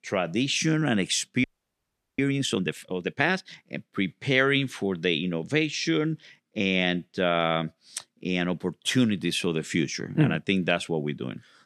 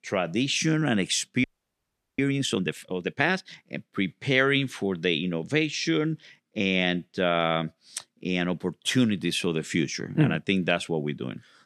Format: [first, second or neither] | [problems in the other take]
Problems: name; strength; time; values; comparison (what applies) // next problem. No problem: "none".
neither | audio freezing; at 1.5 s for 0.5 s; the same in both